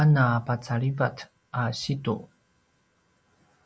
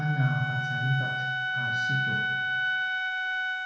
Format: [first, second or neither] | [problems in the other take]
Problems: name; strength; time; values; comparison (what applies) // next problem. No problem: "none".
first | background sound (Wind instrument, woodwind instrument); 3 dB above the speech // room echo; dies away in 1 s